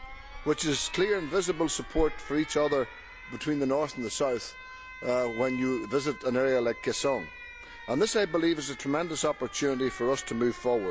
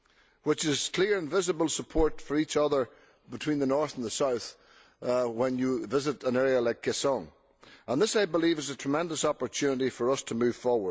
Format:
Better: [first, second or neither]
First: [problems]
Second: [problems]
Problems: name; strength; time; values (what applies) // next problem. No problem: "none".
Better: second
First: background sound (Alarm); 14 dB below the speech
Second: none